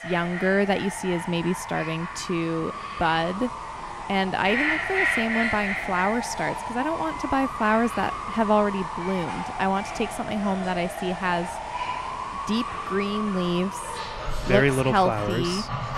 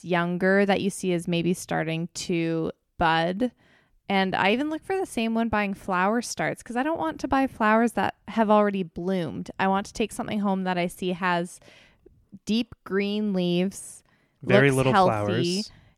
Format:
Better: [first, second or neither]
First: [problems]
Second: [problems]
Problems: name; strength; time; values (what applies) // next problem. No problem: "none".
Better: second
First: animal sounds; loud; throughout; 5 dB below the speech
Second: none